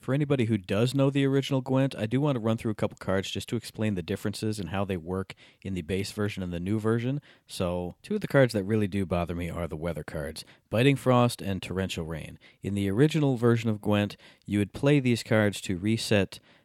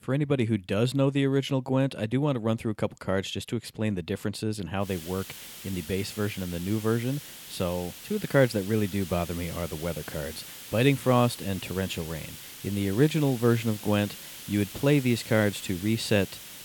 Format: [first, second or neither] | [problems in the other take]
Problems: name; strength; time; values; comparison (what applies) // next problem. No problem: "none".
first | hiss; noticeable; from 5 s on; 15 dB below the speech